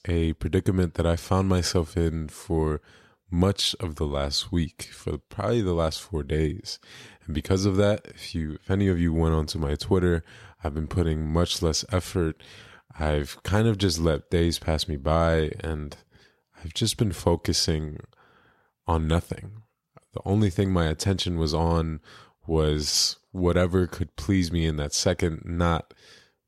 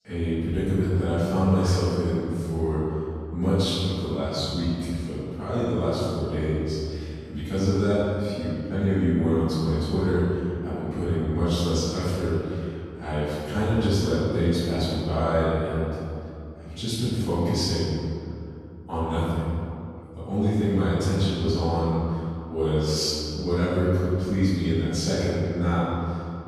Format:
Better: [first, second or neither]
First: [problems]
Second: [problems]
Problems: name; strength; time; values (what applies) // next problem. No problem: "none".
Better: first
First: none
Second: off-mic speech; far // room echo; strong; dies away in 2.4 s